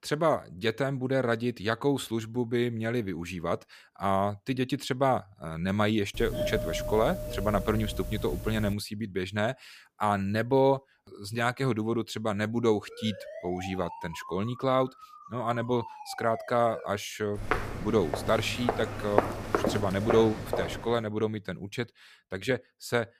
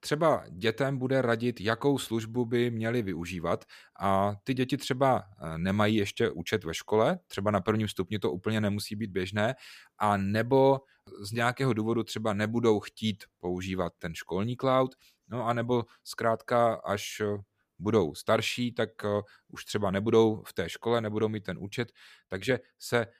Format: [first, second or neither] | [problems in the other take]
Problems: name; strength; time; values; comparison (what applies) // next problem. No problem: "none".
second | doorbell; noticeable; from 6 to 8.5 s; peak 2 dB below the speech // siren; faint; from 13 to 17 s; peak 10 dB below the speech // footsteps; loud; from 17 to 21 s; peak 1 dB above the speech